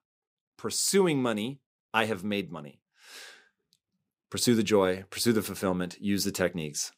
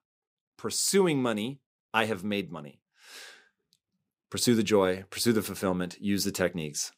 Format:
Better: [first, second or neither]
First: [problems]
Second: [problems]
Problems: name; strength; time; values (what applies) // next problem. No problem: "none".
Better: neither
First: none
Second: none